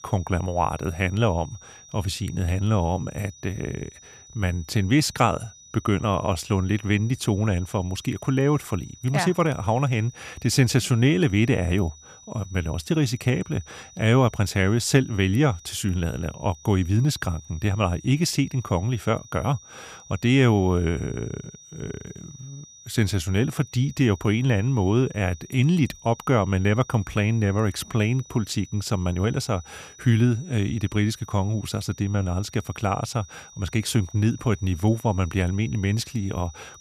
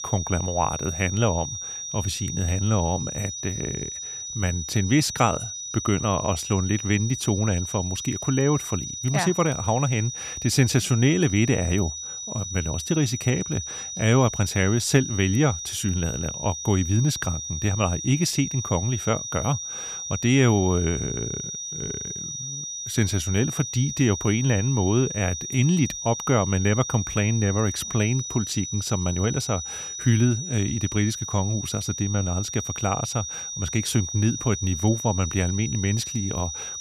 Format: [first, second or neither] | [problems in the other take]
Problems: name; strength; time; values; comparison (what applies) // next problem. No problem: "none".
first | high-pitched whine; loud; throughout; 6 kHz, 6 dB below the speech; faint in the first